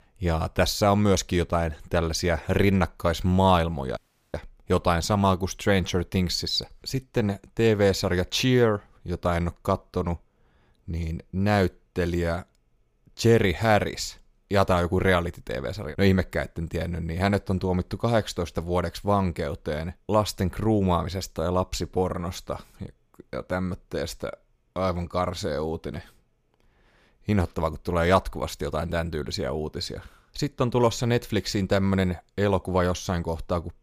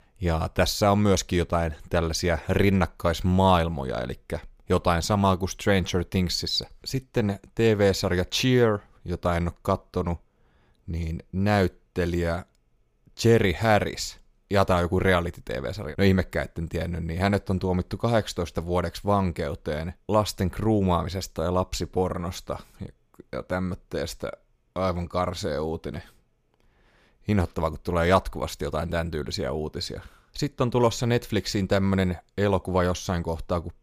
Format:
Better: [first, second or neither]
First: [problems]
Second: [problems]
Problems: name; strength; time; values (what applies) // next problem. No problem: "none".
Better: second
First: audio cutting out; at 4 s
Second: none